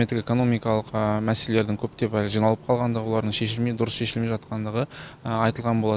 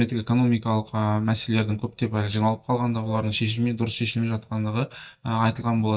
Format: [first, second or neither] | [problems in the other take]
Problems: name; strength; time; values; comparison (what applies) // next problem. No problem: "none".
first | noise reduction (neural mask model DeepFilterNet 3)